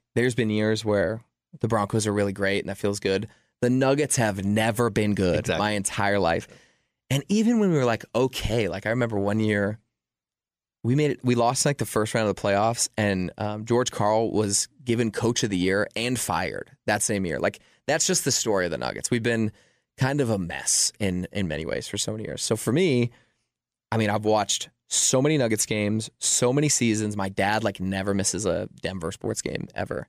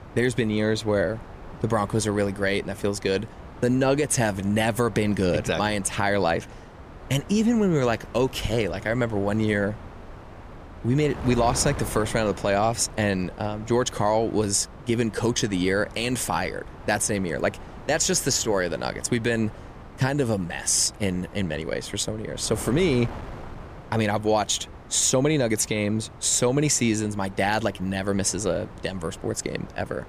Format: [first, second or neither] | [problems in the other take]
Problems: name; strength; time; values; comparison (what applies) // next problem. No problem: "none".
first | wind noise on the microphone; occasional gusts; 20 dB below the speech